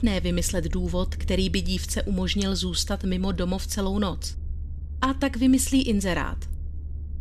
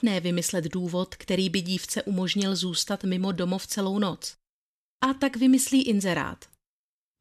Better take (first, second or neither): second